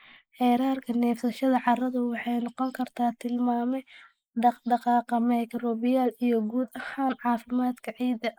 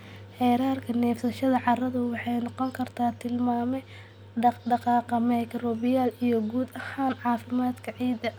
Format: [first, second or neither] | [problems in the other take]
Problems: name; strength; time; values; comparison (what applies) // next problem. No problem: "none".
second | noise reduction (neural mask model Resemble Enhance denoiser)